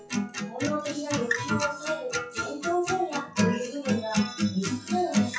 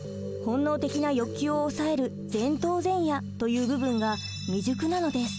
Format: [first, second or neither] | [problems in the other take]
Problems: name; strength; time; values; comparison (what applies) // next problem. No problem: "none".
second | noise reduction (classical method WPE with log-MMSE)